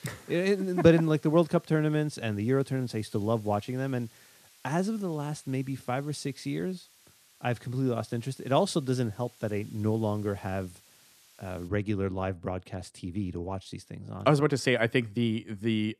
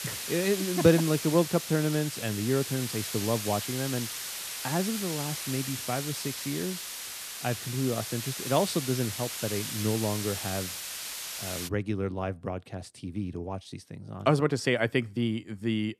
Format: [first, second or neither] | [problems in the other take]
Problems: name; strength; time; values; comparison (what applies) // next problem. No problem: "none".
first | hiss; loud; until 12 s; 4 dB below the speech; faint in the first